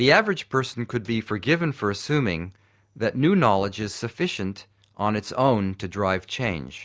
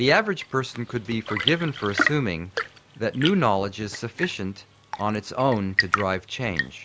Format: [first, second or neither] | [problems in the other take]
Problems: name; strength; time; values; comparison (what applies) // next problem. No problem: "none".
first | background sound (Tap / Fill (with liquid) / Trickle, dribble / Chirp, tweet / Engine); 5 dB below the speech